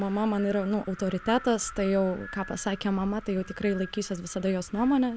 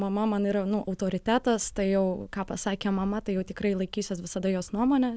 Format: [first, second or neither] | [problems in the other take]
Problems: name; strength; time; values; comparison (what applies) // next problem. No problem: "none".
second | background sound (Wind); 18 dB below the speech